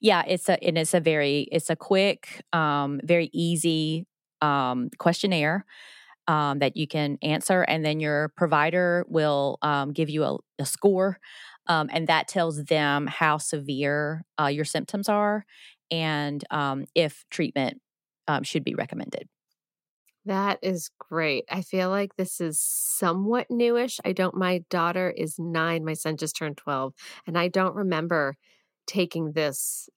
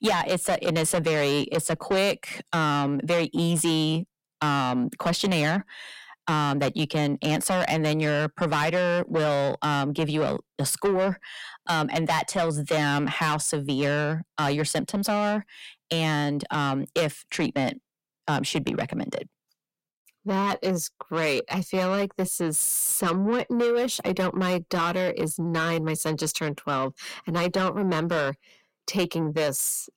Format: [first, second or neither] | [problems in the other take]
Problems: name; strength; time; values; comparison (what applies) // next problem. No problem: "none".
first | distortion; heavy; 7 dB below the speech